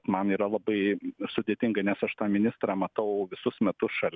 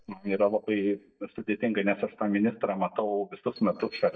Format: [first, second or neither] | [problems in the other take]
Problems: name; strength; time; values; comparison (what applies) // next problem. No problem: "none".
first | noise reduction (neural mask model DeepFilterNet 3)